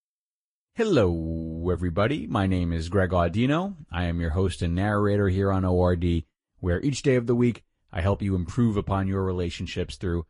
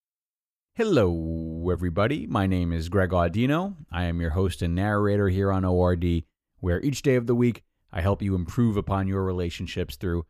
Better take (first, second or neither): second